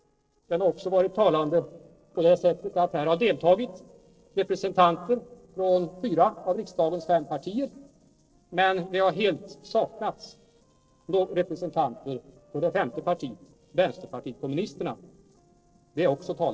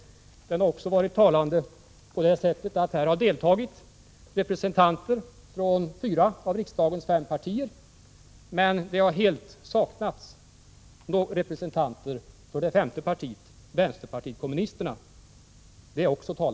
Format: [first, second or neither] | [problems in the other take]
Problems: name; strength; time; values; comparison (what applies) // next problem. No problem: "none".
second | noise reduction (neural separator model SepFormer DNS4)